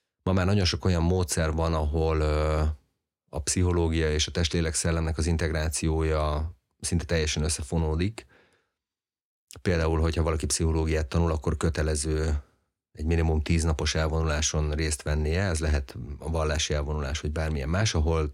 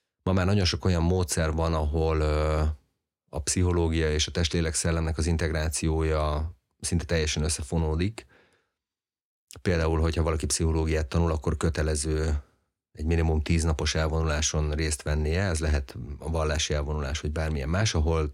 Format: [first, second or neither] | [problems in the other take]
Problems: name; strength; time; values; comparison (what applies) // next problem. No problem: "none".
neither | none